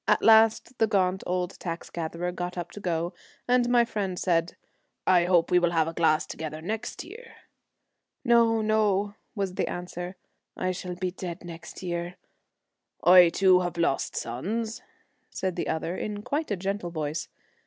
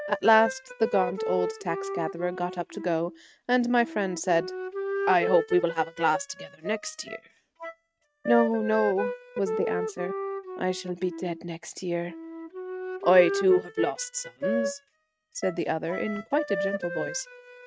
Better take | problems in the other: first | noise reduction (neural mask model RNNoise)

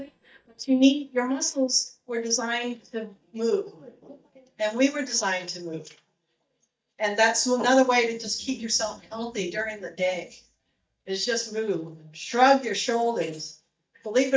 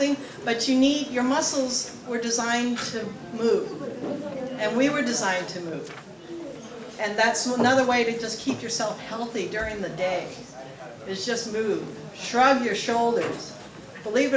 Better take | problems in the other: second | noise reduction (neural mask model DeepFilterNet 3)

